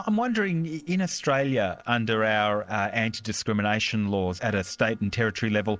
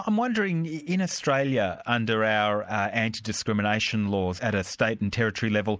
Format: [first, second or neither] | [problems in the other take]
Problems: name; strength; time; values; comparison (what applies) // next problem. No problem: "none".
second | noise reduction (neural separator model SepFormer DNS4)